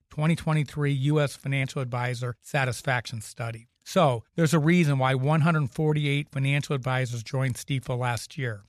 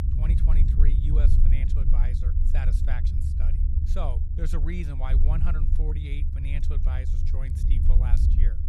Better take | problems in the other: first | low rumble; loud; throughout; 2 dB below the speech

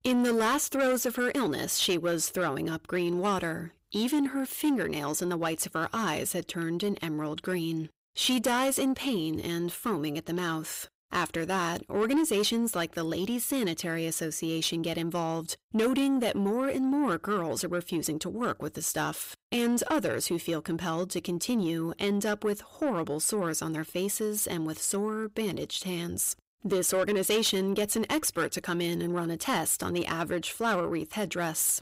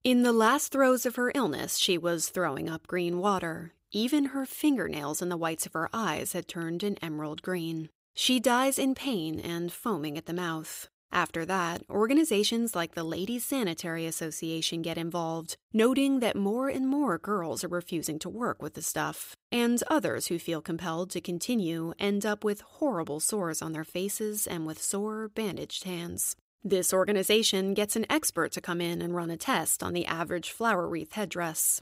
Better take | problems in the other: second | distortion; slight; 10 dB below the speech

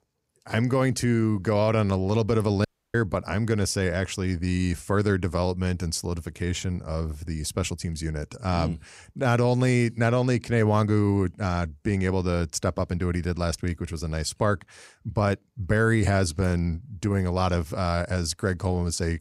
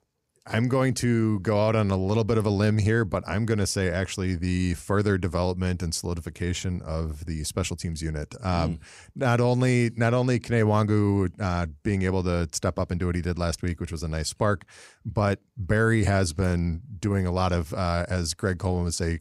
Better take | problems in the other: second | audio cutting out; at 2.5 s

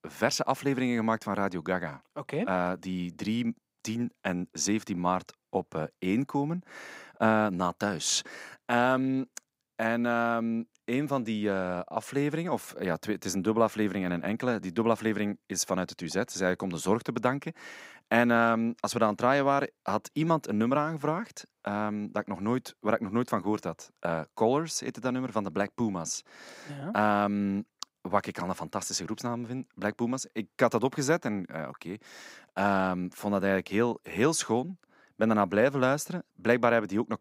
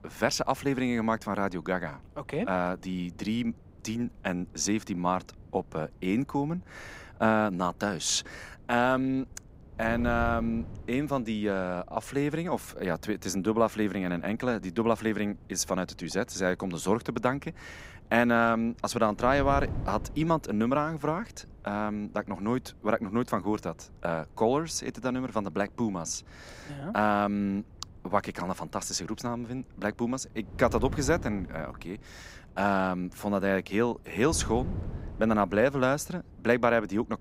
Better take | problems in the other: first | wind noise on the microphone; occasional gusts; 25 dB below the speech

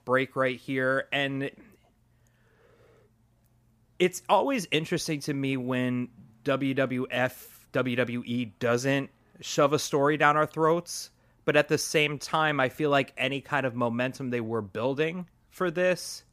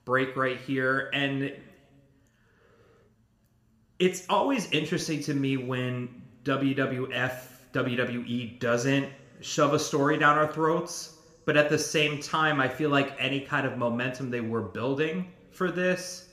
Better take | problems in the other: first | room echo; very slight; dies away in 0.9 s

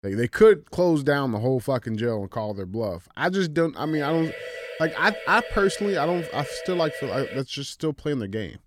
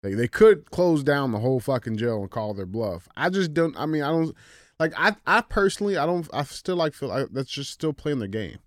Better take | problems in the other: second | siren; noticeable; from 4 to 7.5 s; peak 10 dB below the speech

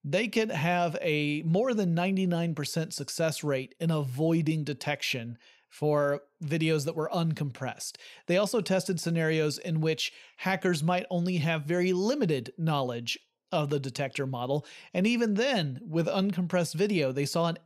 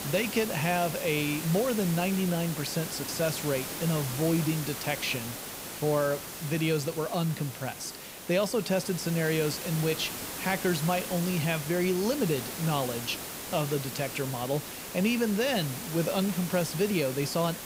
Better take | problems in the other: first | hiss; loud; throughout; 7 dB below the speech

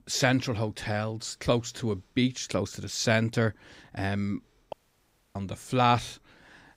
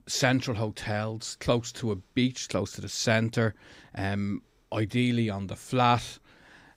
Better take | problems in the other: second | audio cutting out; at 4.5 s for 0.5 s

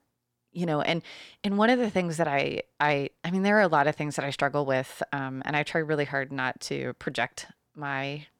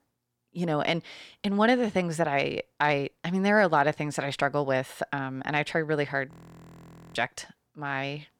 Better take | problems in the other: first | audio freezing; at 6.5 s for 1 s

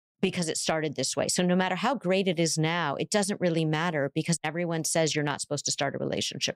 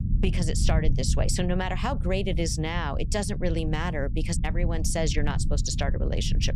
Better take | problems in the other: first | low rumble; noticeable; throughout; 10 dB below the speech

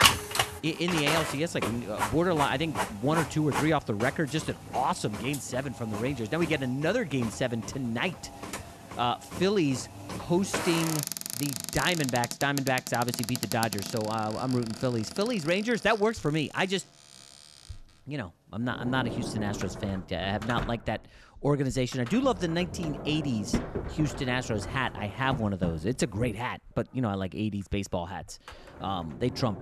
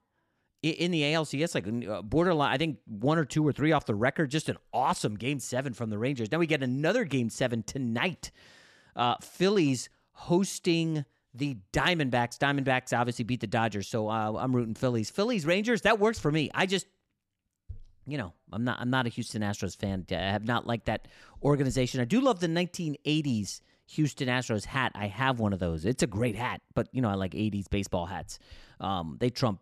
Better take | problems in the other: second | household noises; loud; throughout; 6 dB below the speech

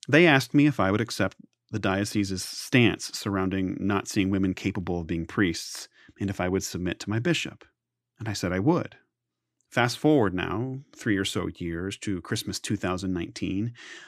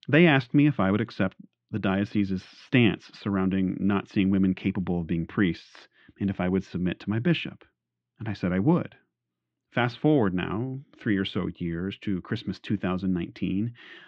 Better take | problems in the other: first | muffled; slightly; fading above 3.5 kHz

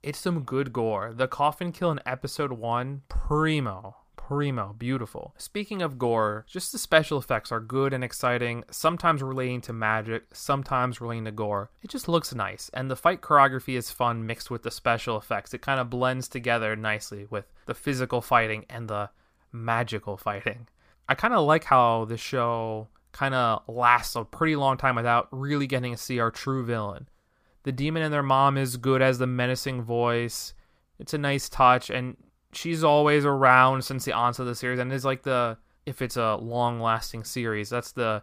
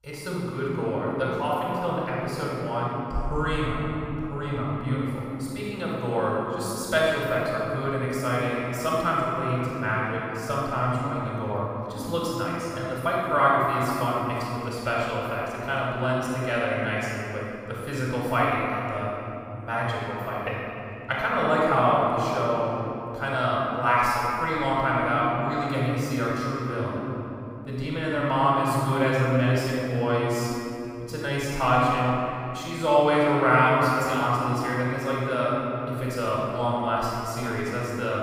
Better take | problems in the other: first | off-mic speech; far // room echo; strong; dies away in 2.8 s

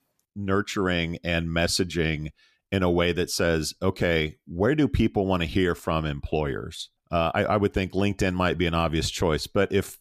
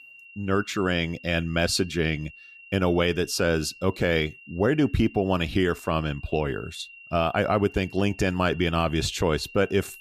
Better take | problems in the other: first | high-pitched whine; noticeable; throughout; 3 kHz, 20 dB below the speech

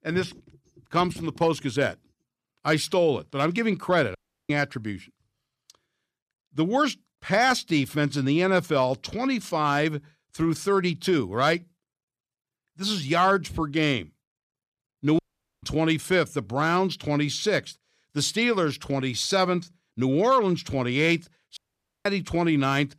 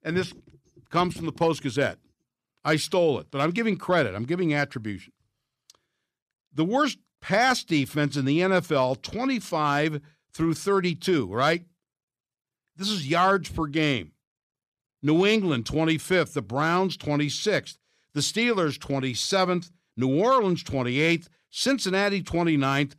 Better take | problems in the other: second | audio cutting out; at 4 s, at 15 s and at 22 s

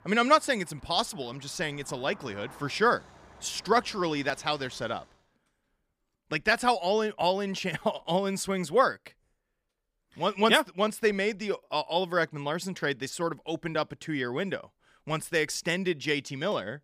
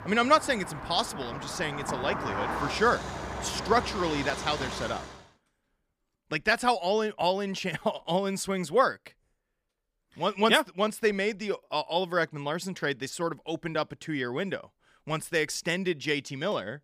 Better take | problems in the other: first | traffic noise; loud; until 5 s; 7 dB below the speech; faint in the first

